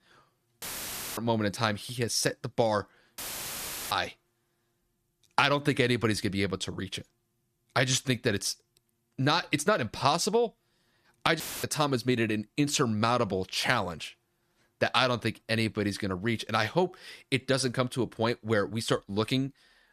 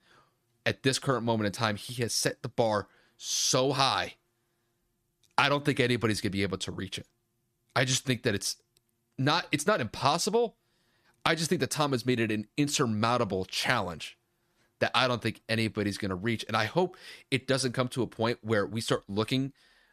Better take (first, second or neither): second